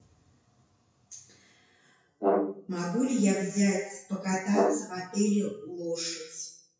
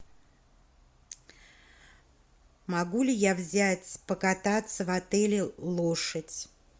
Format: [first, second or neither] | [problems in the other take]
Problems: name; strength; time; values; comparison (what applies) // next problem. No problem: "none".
second | noise reduction (classical method WPE with log-MMSE)